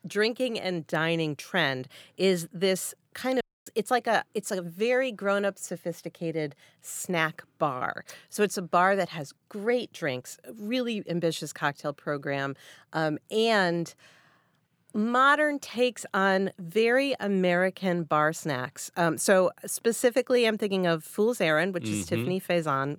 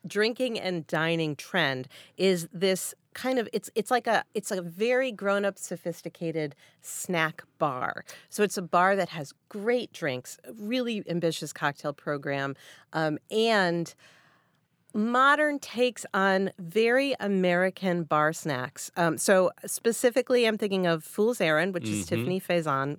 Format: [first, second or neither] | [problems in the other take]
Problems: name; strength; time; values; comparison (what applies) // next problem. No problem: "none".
second | audio cutting out; at 3.5 s